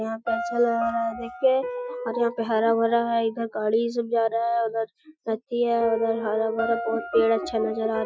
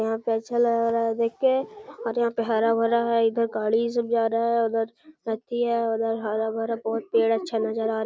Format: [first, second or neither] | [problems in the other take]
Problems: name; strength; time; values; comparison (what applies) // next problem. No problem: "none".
second | noise reduction (classical method Wiener filter)